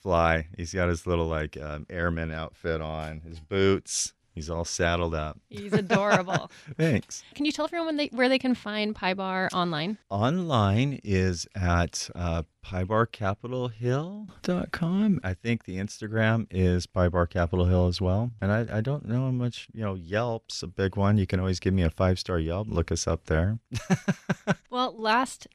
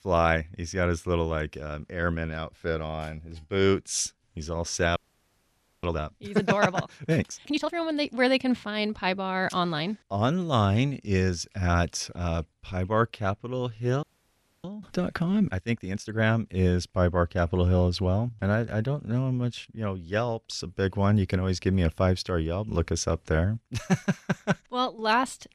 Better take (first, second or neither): first